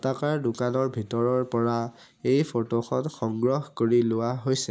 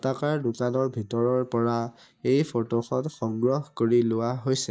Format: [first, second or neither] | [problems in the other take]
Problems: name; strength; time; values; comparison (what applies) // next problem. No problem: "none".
first | noise reduction (neural mask model DeepFilterNet 3)